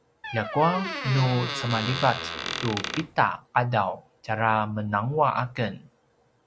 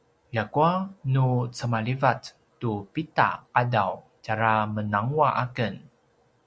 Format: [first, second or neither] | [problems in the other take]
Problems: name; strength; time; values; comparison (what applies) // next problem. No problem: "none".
second | background sound (Squeak); 6 dB below the speech